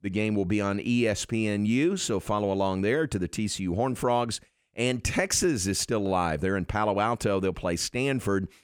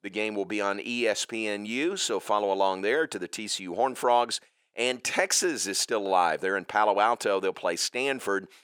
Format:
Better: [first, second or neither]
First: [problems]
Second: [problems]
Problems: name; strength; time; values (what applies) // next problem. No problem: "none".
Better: first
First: none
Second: thin; somewhat; fading below 450 Hz